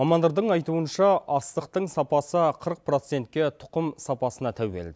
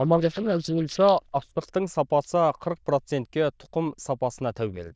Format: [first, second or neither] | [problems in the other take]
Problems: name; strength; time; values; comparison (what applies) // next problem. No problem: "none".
first | noise reduction (neural diffusion model UNIVERSE++)